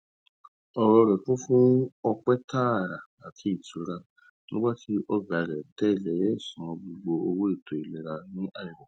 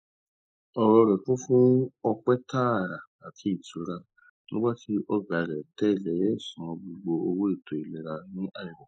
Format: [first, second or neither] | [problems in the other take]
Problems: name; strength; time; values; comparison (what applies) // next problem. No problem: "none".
first | noise reduction (neural mask model Resemble Enhance denoiser)